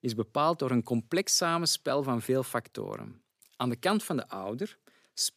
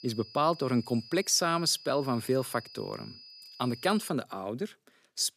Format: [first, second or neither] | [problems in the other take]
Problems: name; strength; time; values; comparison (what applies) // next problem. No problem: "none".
first | high-pitched whine; noticeable; until 4 s; 5 kHz, 15 dB below the speech